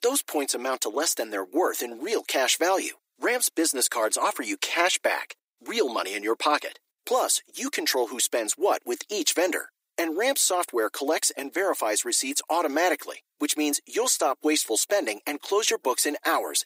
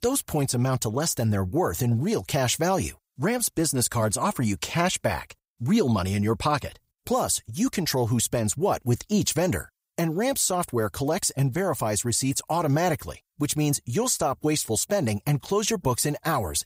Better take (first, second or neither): second